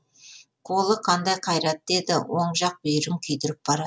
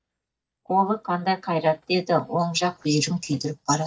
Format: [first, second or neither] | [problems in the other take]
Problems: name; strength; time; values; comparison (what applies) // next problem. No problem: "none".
first | noise reduction (neural mask model DeepFilterNet 3)